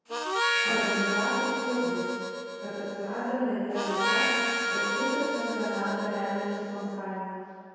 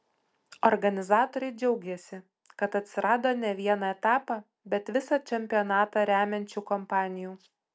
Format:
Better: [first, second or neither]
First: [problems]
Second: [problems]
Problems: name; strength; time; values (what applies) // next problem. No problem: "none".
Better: second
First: background sound (Harmonica); 1 dB above the speech // room echo; dies away in 2 s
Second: none